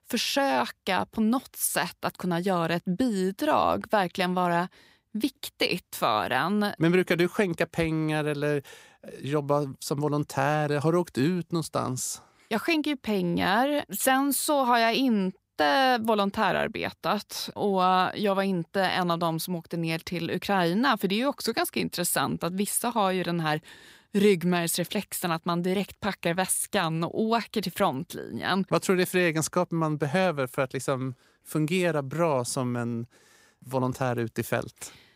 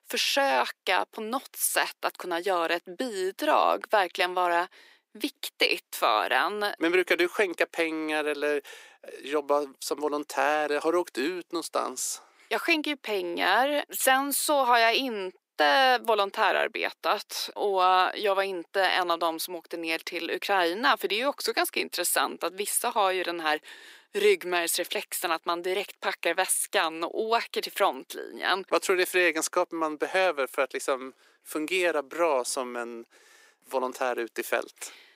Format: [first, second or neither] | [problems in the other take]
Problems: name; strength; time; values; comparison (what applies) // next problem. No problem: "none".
first | thin; somewhat; fading below 300 Hz